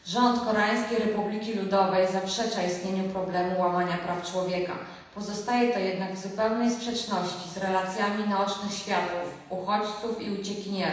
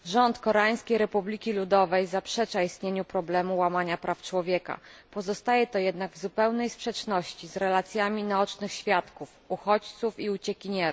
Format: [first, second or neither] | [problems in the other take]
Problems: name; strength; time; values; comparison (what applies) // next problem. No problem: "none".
second | background sound (Brass instrument); 13 dB below the speech // room echo; dies away in 1.1 s